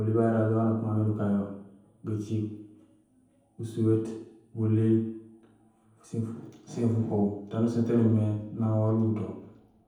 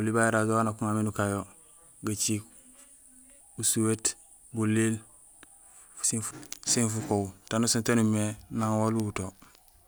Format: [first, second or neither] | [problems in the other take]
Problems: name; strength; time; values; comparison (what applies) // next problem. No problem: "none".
second | room echo; dies away in 0.9 s